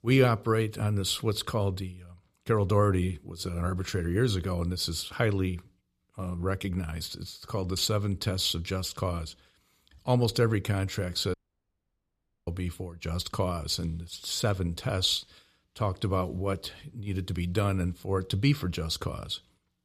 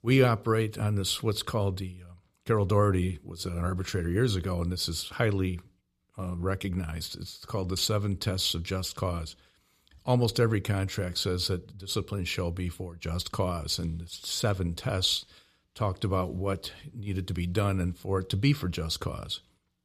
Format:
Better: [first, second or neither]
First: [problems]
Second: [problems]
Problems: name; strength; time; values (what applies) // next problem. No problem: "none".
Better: second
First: audio cutting out; at 11 s for 1 s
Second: none